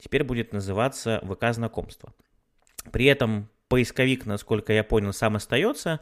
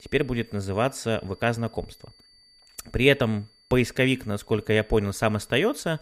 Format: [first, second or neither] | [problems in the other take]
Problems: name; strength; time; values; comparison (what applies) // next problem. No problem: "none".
first | high-pitched whine; faint; throughout; 4.5 kHz, 30 dB below the speech